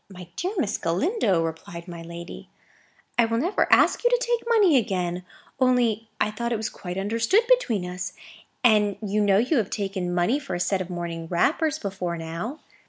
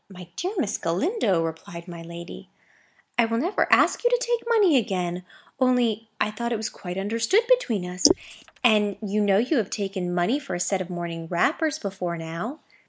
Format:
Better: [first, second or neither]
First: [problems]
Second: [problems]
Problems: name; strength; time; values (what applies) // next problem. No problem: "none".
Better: first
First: none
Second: noise reduction (neural mask model Resemble Enhance denoiser)